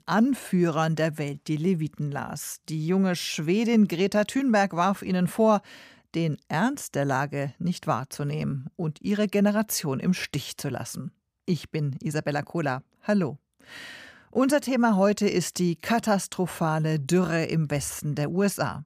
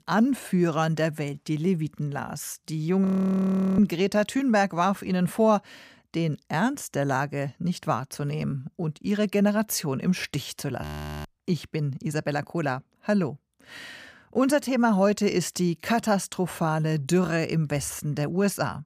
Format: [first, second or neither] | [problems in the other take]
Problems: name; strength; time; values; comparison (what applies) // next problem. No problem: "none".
first | audio freezing; at 3 s for 0.5 s and at 11 s